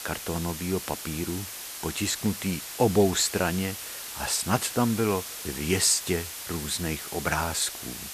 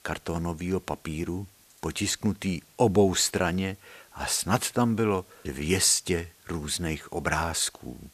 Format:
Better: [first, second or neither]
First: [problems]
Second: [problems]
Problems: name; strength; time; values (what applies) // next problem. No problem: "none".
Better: second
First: hiss; loud; throughout; 8 dB below the speech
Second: hiss; faint; throughout; 30 dB below the speech